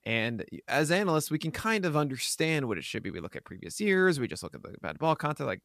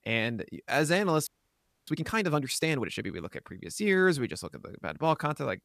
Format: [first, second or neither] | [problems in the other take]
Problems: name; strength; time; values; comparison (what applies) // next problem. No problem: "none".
first | audio freezing; at 1.5 s for 0.5 s